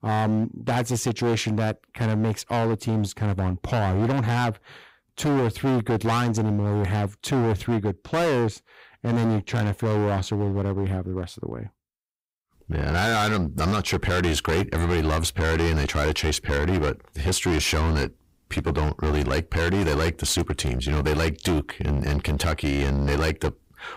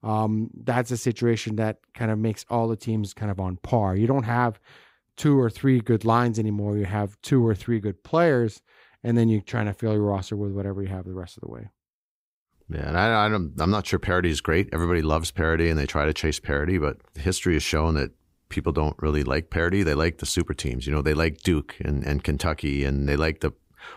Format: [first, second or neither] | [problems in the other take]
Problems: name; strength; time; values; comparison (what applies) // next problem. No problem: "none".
second | distortion; heavy; 22% of the sound clipped